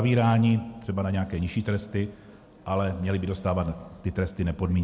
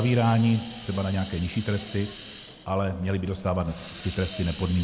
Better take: first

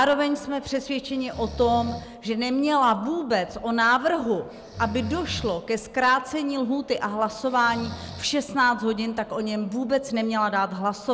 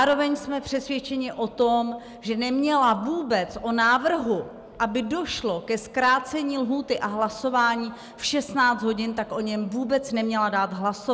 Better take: second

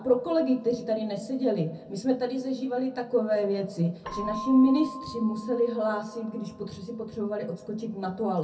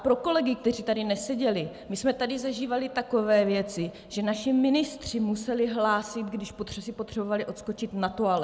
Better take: second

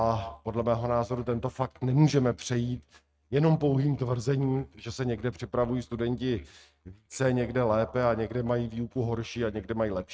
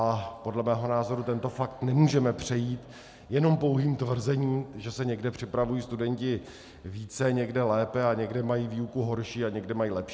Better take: second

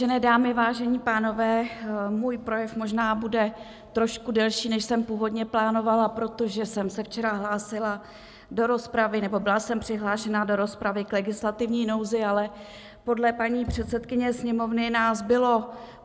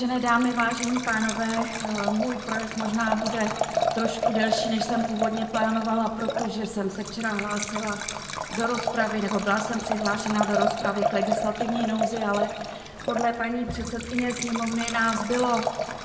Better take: first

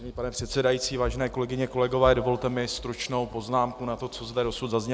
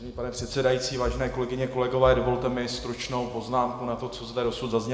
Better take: first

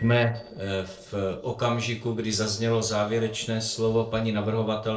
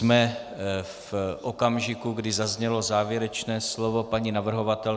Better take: second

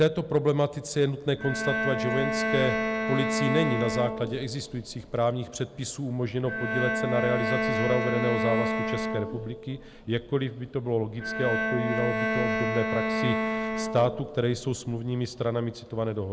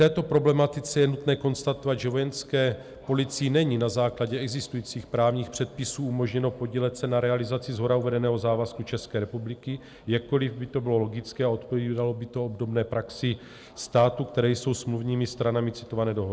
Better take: second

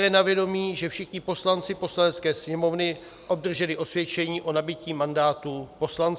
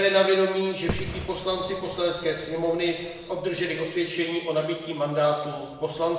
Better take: first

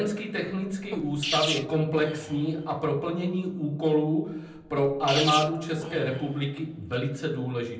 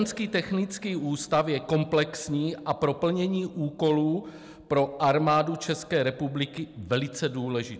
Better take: second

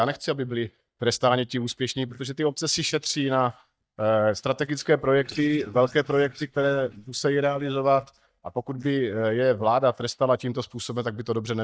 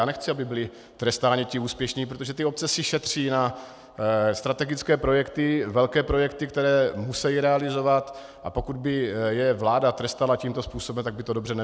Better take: second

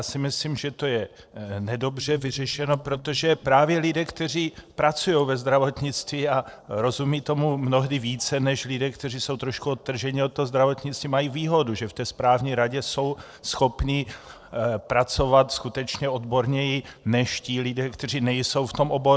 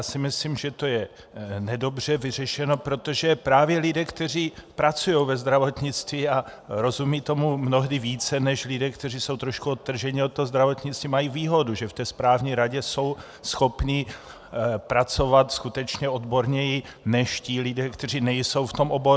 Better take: second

